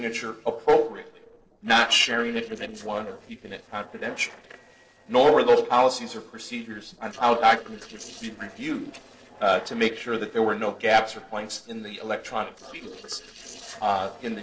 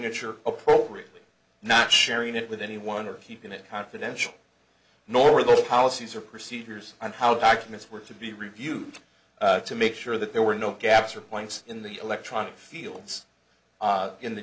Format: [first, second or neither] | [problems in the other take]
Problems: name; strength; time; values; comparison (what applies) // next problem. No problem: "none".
second | noise reduction (neural separator model SepFormer DNS4)